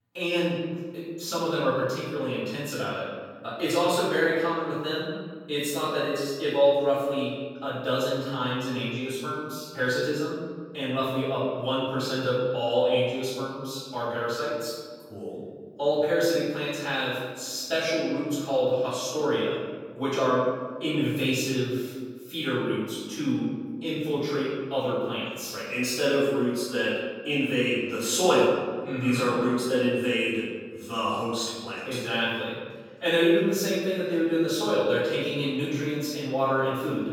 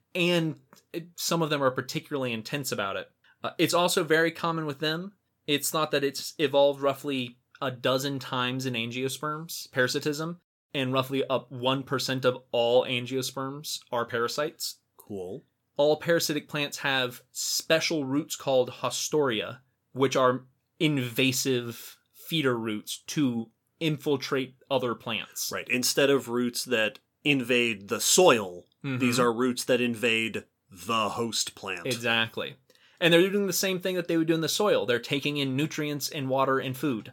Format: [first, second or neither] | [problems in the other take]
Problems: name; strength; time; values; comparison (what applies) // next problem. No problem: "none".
second | room echo; strong; dies away in 1.5 s // off-mic speech; far